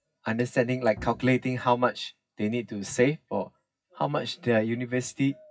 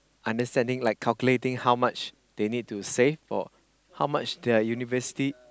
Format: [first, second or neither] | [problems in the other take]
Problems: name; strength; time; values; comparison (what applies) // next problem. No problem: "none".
second | noise reduction (classical method WPE with log-MMSE)